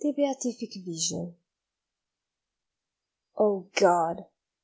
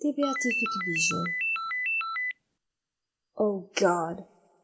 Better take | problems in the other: first | background sound (Ringtone); 1 dB above the speech // room echo; dies away in 0.3 s

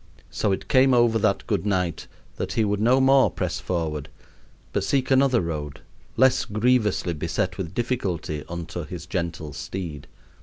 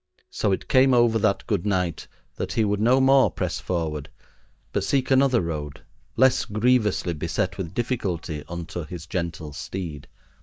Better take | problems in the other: first | noise reduction (neural mask model DeepFilterNet 3)

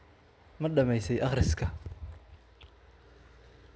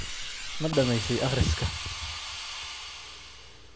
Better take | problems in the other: first | background sound (Hiss); 5 dB below the speech

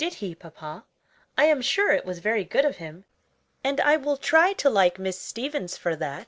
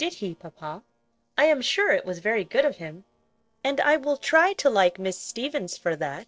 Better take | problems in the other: first | noise reduction (neural separator model SepFormer DNS4)

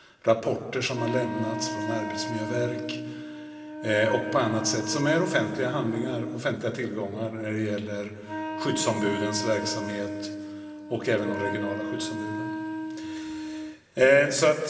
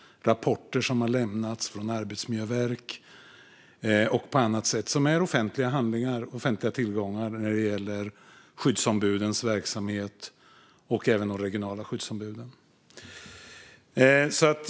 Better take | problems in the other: second | background sound (Wind instrument, woodwind instrument); 7 dB below the speech // room echo; dies away in 2.2 s

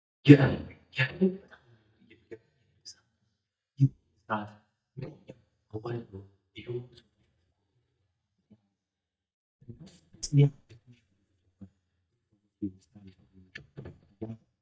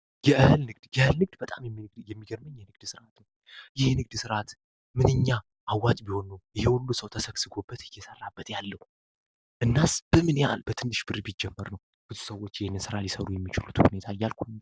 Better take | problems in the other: second | noise reduction (neural mask model DeepFilterNet 3)

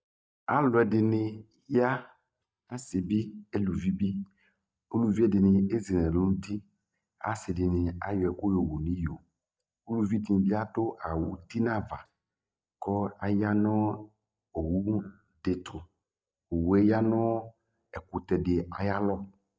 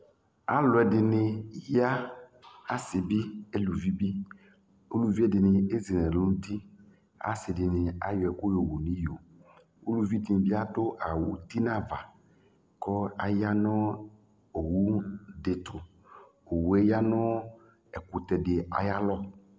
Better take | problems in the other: second | noise reduction (neural mask model DeepFilterNet 3)

